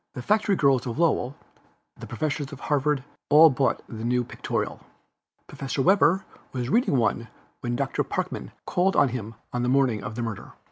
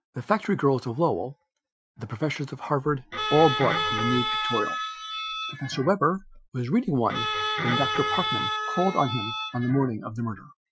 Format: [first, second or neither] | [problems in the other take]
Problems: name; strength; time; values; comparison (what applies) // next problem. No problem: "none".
first | noise reduction (classical method Wiener filter)